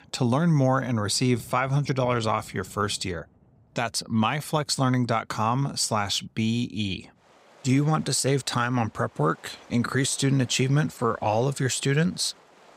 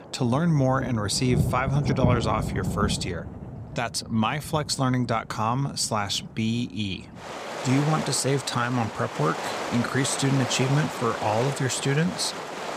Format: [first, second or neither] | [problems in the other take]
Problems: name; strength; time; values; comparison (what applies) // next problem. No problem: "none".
first | rain or running water; loud; throughout; 6 dB below the speech; faint in the first